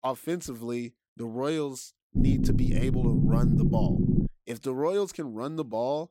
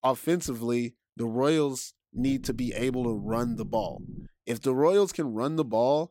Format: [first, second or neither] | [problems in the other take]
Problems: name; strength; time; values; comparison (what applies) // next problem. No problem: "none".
second | low rumble; loud; from 2 to 4.5 s; as loud as the speech; faint in the second